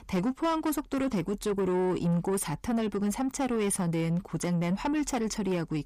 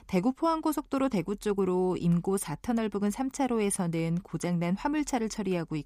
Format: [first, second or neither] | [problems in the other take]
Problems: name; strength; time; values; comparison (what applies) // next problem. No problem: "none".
second | distortion; slight; 10 dB below the speech